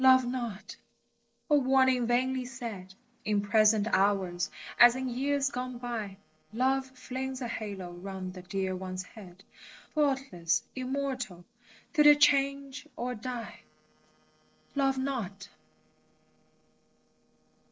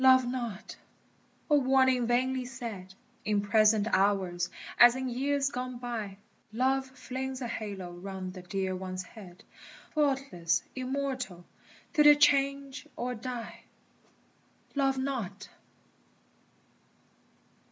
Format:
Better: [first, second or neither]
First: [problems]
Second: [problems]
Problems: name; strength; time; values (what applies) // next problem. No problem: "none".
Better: second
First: noise reduction (neural separator model SepFormer DNS4)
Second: none